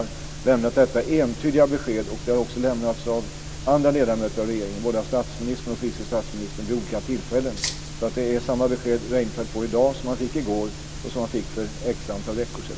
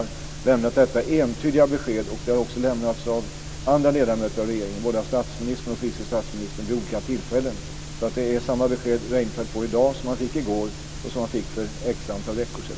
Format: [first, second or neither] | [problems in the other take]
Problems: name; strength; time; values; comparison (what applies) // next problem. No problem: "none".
second | background sound (Rattle (instrument)); 8 dB below the speech